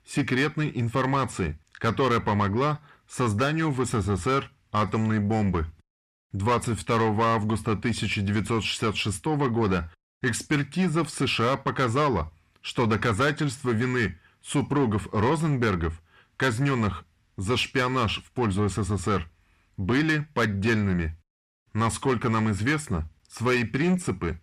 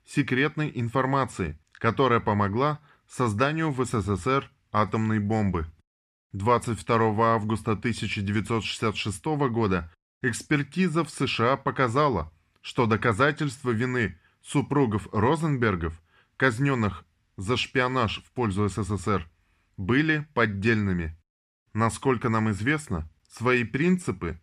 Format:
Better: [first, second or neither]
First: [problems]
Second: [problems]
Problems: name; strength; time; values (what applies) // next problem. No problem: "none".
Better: second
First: distortion; slight; 10 dB below the speech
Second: none